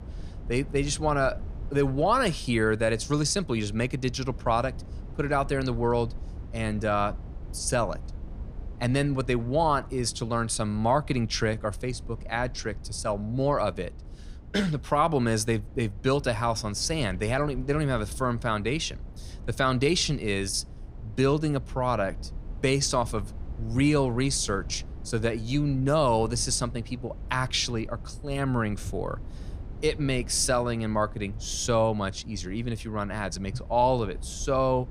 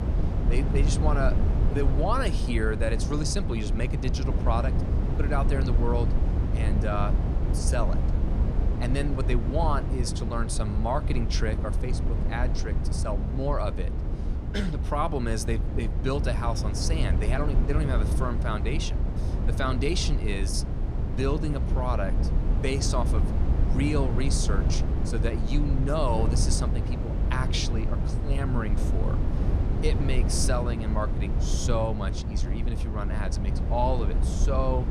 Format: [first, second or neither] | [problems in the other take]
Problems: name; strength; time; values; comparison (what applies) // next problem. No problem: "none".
first | low rumble; loud; throughout; 7 dB below the speech; faint in the first